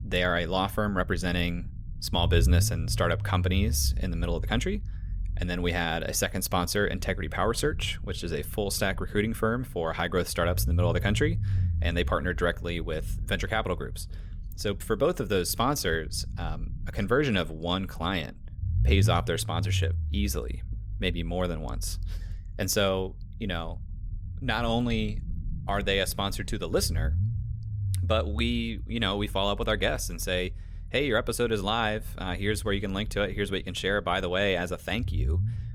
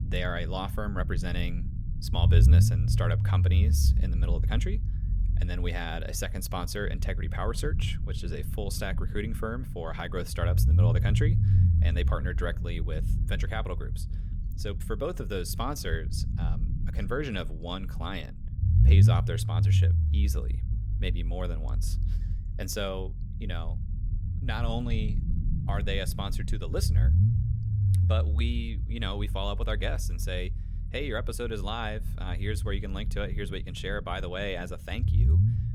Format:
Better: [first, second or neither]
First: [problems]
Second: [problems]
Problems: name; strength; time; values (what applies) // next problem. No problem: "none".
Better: first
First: low rumble; faint; throughout; 20 dB below the speech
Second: low rumble; loud; throughout; 8 dB below the speech